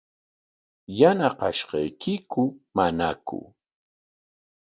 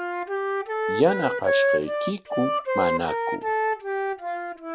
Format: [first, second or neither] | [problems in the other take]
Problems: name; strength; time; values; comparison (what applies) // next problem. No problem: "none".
first | background sound (Wind instrument, woodwind instrument); 3 dB above the speech